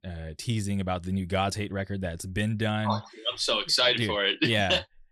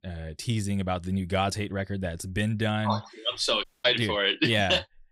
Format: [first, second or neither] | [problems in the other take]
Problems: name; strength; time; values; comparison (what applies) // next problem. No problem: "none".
first | audio cutting out; at 3.5 s